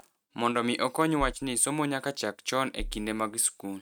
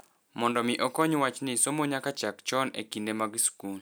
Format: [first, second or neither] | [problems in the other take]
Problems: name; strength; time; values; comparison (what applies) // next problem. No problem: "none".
second | noise reduction (neural mask model RNNoise)